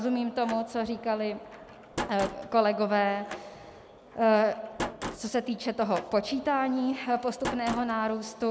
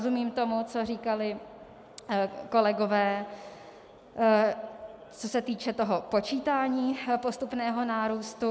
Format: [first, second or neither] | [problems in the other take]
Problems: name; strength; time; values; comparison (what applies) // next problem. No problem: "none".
second | background sound (Slam); 12 dB below the speech